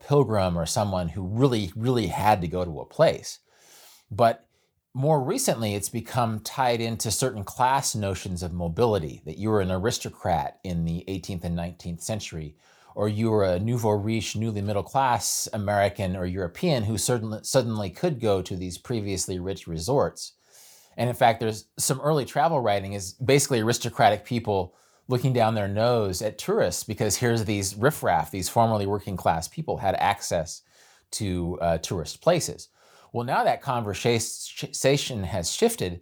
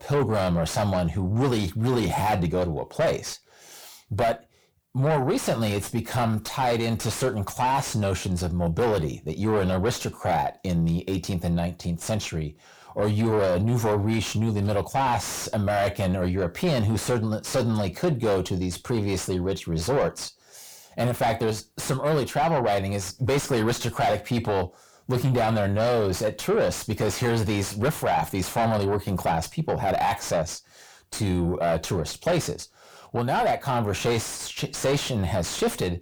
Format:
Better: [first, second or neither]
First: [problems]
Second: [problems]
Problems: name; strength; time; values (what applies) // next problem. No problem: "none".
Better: first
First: none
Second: distortion; heavy; 6 dB below the speech